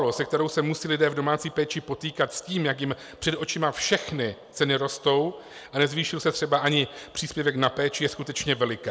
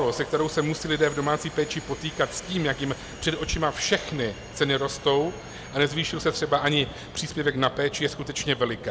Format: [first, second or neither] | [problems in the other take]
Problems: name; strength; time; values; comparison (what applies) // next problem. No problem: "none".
first | background sound (Subway, metro, underground); 14 dB below the speech